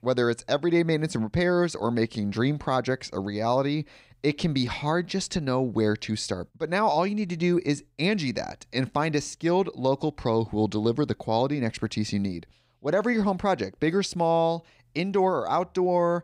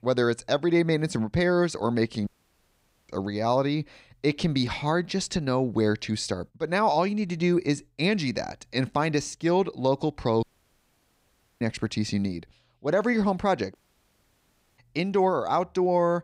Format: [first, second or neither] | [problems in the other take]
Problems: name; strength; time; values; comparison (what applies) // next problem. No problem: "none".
first | audio cutting out; at 2.5 s for 1 s, at 10 s for 1 s and at 14 s for 1 s